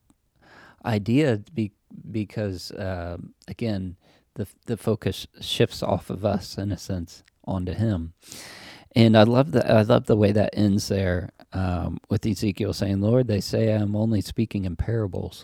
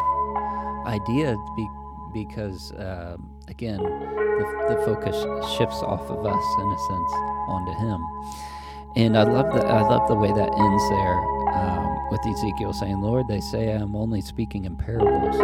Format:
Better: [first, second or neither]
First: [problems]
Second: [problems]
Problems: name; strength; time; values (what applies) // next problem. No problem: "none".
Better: first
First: none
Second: background music; very loud; throughout; 1 dB above the speech